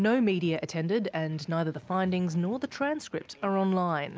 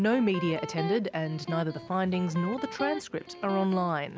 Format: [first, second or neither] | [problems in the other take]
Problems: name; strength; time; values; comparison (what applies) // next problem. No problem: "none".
first | background sound (Electric guitar); 11 dB below the speech